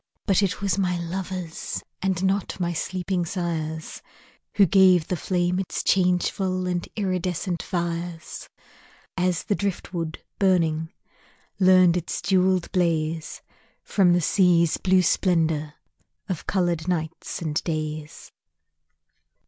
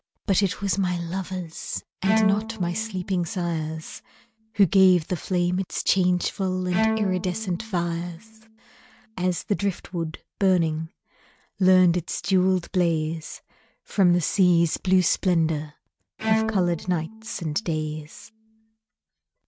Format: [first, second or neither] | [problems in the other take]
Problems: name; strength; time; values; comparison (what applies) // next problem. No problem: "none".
first | noise reduction (neural mask model RNNoise)